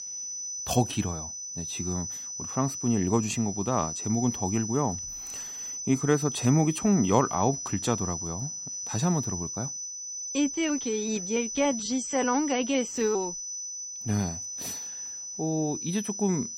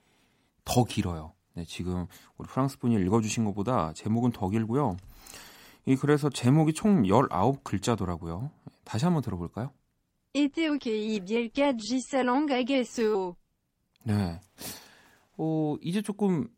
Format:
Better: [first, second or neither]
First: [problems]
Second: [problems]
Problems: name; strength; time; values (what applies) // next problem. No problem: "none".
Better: second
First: high-pitched whine; loud; throughout; 6 kHz, 5 dB below the speech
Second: none